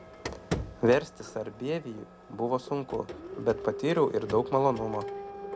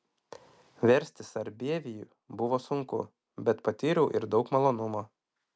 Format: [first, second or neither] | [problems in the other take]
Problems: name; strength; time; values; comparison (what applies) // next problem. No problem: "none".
second | background sound (Printer); 9 dB below the speech